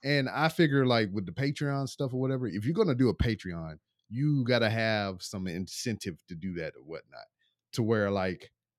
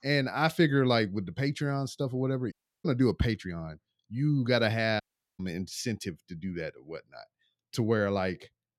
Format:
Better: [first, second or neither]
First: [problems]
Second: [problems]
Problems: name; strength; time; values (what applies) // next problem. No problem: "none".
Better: first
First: none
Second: audio cutting out; at 2.5 s and at 5 s